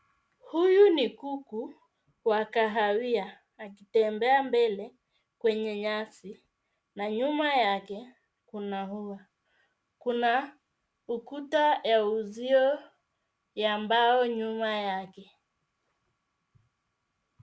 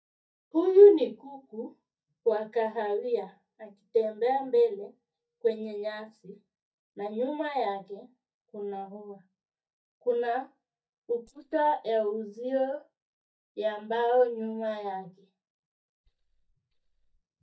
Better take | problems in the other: first | noise reduction (neural mask model DeepFilterNet 3)

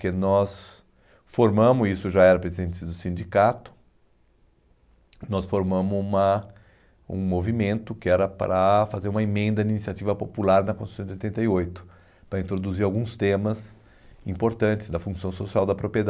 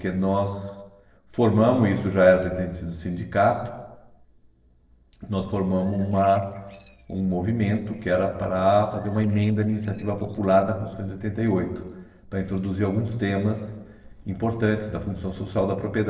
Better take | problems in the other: first | noise reduction (neural separator model SepFormer DNS4)

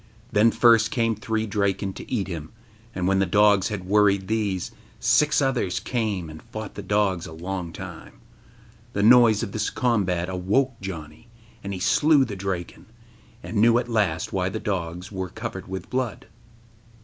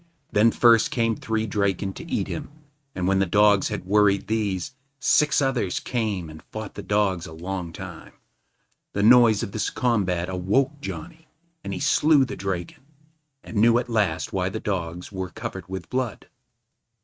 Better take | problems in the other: first | noise reduction (neural mask model RNNoise)

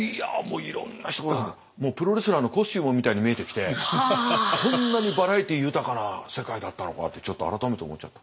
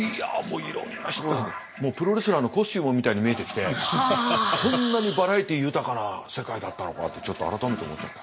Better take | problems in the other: first | background sound (Toilet flush); 15 dB below the speech

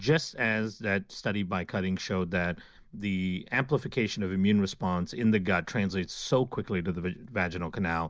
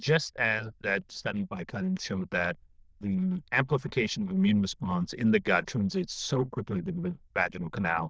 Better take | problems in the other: first | noise reduction (neural diffusion model UNIVERSE++)

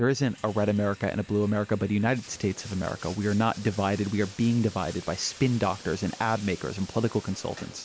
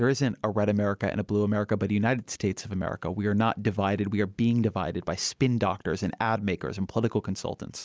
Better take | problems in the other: second | background sound (Bathtub (filling or washing)); 19 dB below the speech

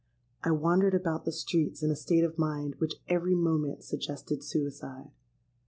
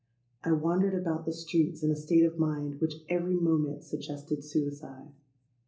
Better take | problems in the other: first | room echo; dies away in 0.3 s

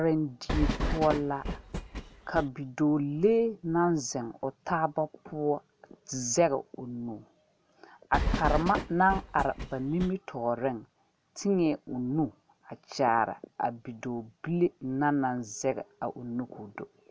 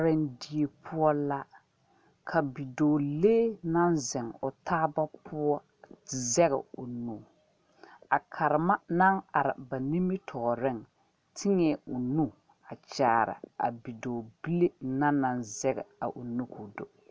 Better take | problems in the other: second | background sound (Train); 2 dB below the speech

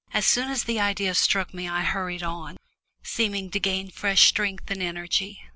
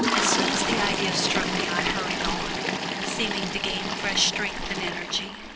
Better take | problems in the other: first | background sound (Toilet flush); 2 dB above the speech

